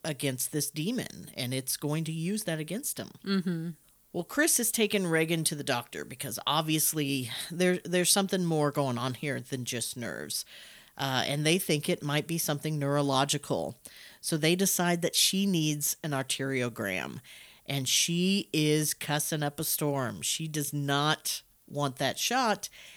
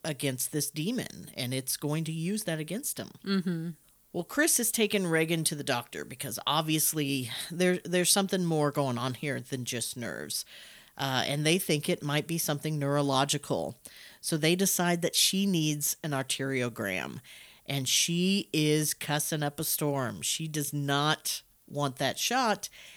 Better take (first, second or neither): neither